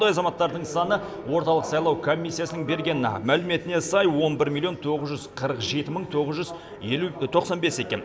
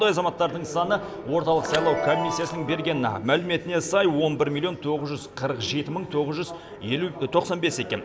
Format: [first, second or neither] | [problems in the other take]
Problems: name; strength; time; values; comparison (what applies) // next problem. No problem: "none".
first | background sound (Chime); 9 dB below the speech